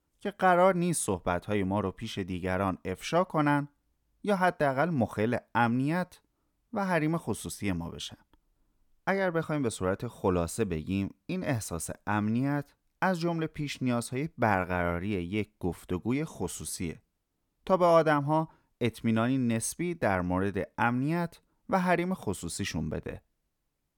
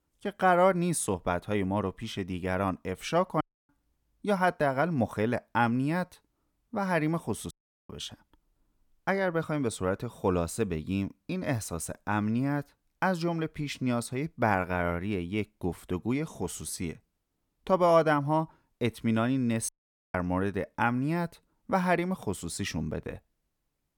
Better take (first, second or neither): first